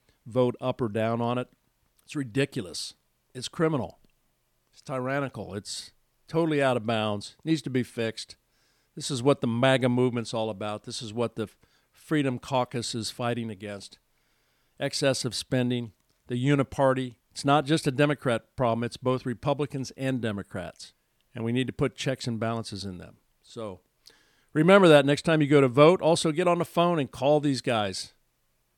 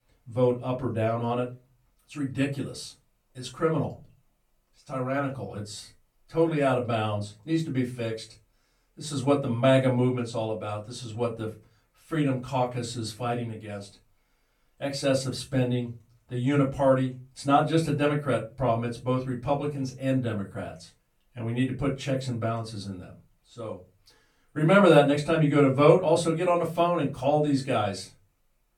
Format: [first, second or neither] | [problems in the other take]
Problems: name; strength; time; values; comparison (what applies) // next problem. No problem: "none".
first | off-mic speech; far // room echo; very slight; dies away in 0.3 s